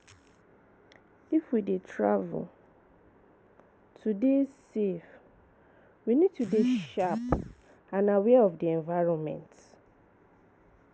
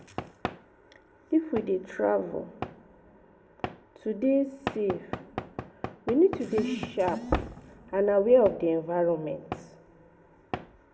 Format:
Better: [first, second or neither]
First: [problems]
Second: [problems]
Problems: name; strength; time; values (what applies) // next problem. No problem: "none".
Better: first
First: none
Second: background sound (Knock / Wood); 12 dB below the speech // room echo; dies away in 1.1 s